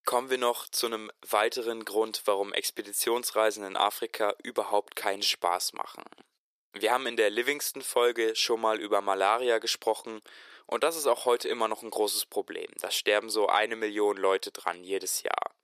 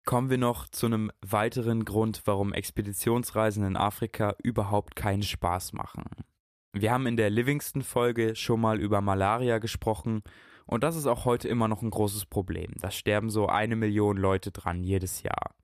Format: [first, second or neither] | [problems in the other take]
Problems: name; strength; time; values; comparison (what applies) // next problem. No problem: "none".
second | thin; very; fading below 400 Hz